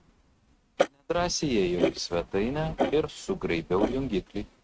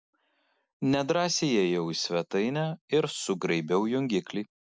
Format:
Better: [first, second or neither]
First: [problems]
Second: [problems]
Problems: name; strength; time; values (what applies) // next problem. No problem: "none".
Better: second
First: noise reduction (neural mask model RNNoise)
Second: none